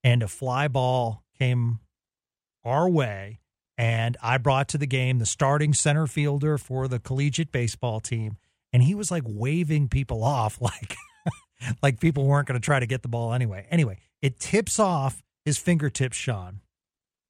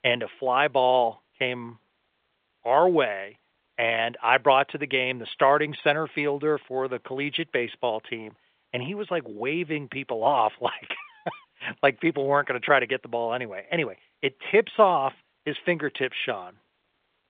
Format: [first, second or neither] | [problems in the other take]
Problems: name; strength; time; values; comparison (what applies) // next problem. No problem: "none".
first | phone-call audio; nothing above 3 kHz